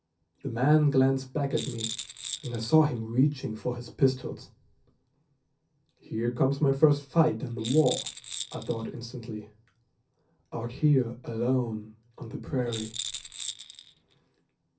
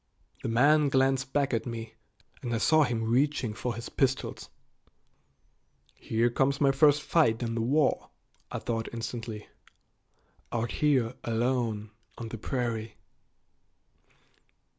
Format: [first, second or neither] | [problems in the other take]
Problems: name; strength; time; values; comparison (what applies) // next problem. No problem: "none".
second | background sound (Rattle); 11 dB below the speech // room echo; dies away in 0.3 s